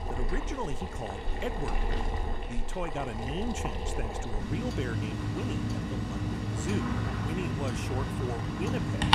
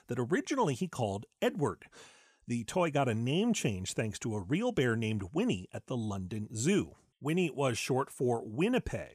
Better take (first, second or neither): second